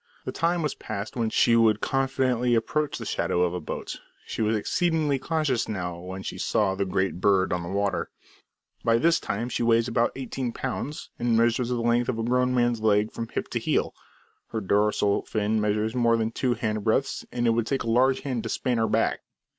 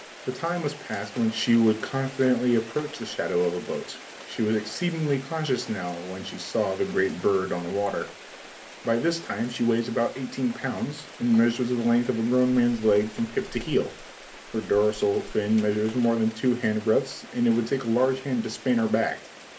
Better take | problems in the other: first | background sound (Rain); 17 dB below the speech // room echo; dies away in 0.3 s

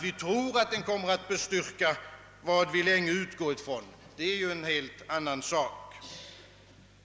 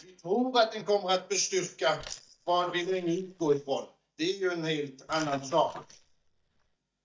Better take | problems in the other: first | noise reduction (neural mask model DeepFilterNet 3)

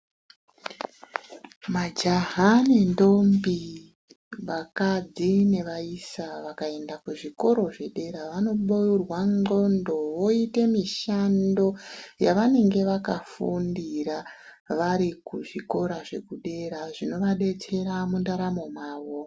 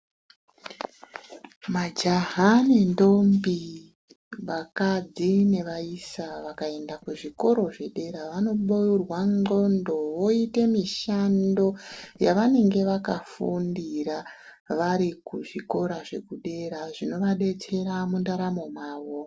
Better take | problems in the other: first | noise reduction (neural separator model SepFormer DNS4)

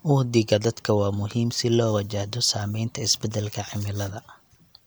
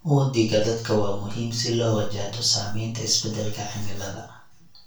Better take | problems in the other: first | room echo; dies away in 0.3 s

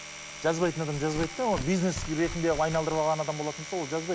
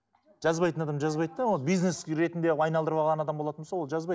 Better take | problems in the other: second | background sound (Tearing + Domestic sounds, home sounds); 10 dB below the speech

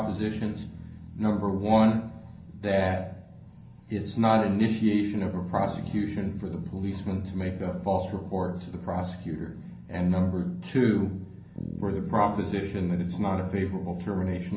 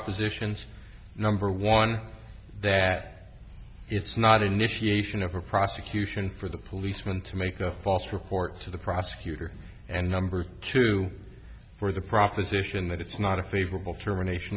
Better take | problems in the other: second | background sound (Bass guitar); 15 dB below the speech // room echo; dies away in 0.6 s

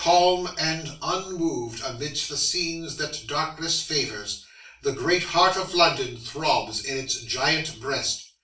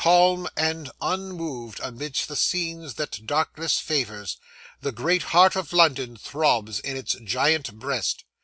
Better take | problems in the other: second | room echo; dies away in 0.3 s

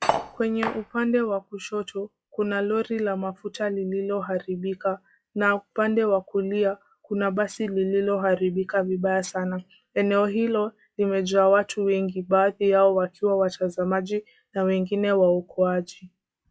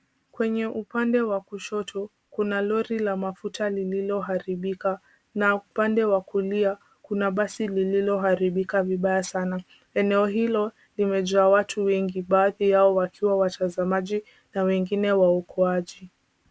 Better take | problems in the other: second | noise reduction (classical method log-MMSE)

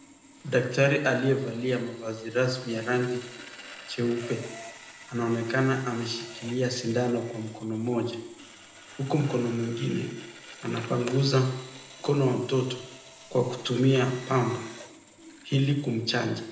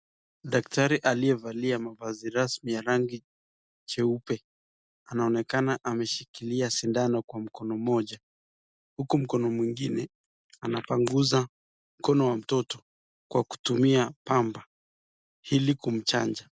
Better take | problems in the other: second | background sound (Sawing); 18 dB below the speech // room echo; dies away in 0.8 s

